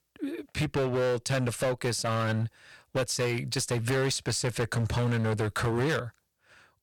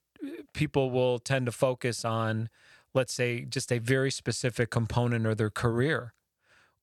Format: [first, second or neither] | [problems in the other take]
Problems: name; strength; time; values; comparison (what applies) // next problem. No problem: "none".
second | distortion; heavy; 18% of the sound clipped